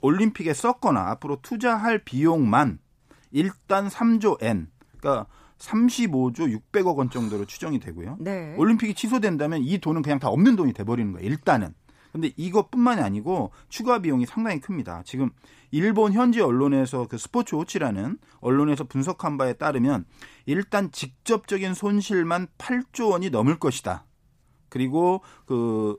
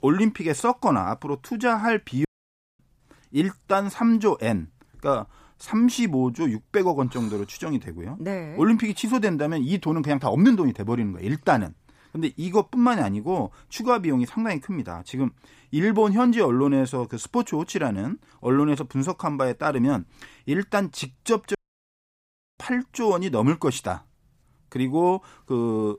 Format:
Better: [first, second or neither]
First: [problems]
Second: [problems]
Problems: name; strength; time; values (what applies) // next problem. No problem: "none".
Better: first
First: none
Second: audio cutting out; at 2.5 s for 0.5 s and at 22 s for 1 s